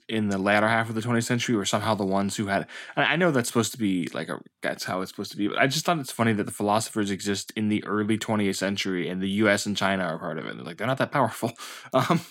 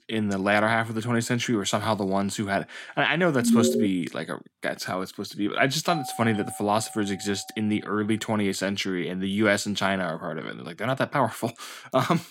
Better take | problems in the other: first | alarm; loud; at 3.5 s; peak 5 dB above the speech // doorbell; noticeable; from 6 to 7.5 s; peak 9 dB below the speech

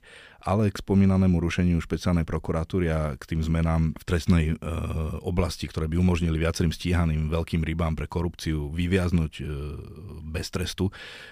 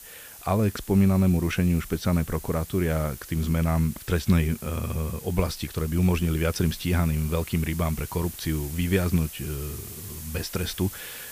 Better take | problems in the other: first | hiss; noticeable; throughout; 15 dB below the speech

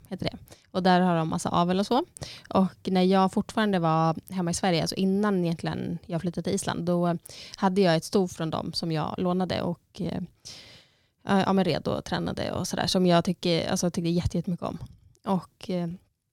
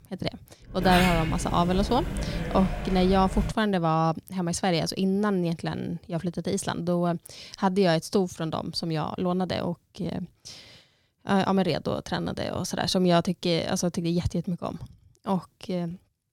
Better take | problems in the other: first | door banging; loud; from 0.5 to 3.5 s; peak 1 dB above the speech

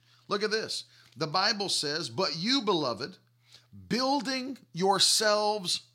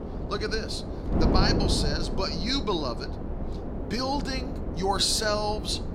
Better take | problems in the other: first | wind noise on the microphone; heavy; 8 dB below the speech

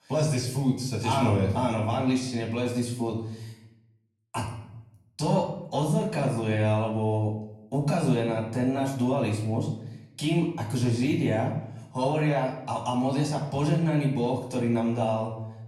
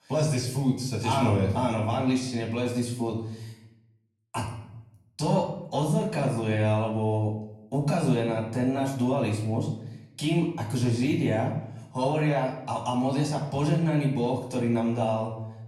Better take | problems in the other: neither | off-mic speech; far; the same in both // room echo; slight; dies away in 0.7 s; the same in both

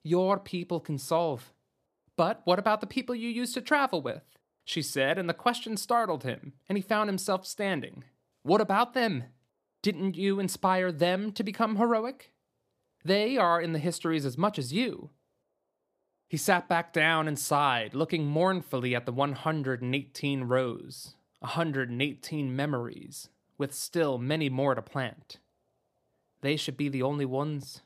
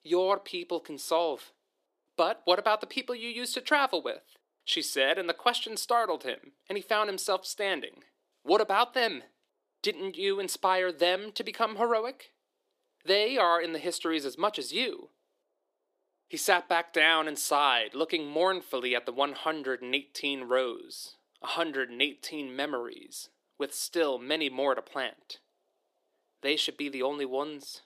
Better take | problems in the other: first | thin; somewhat; fading below 350 Hz

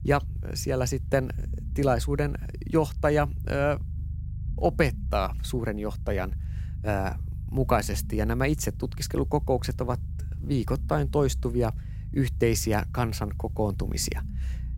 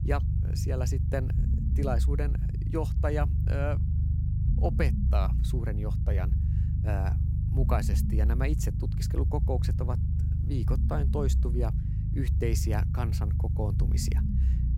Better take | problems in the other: first | low rumble; loud; throughout; 6 dB below the speech; faint in the first

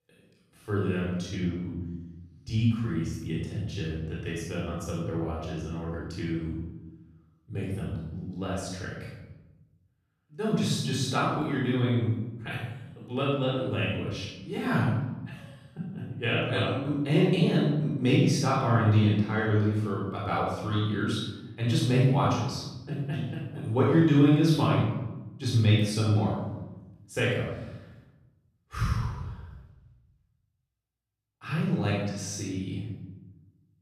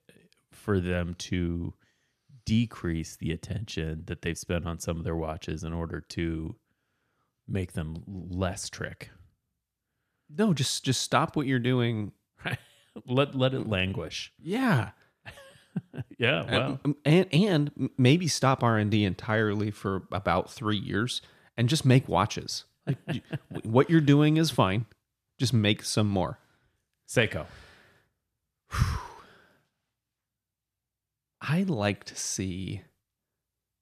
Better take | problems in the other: second | room echo; noticeable; dies away in 1 s // off-mic speech; far

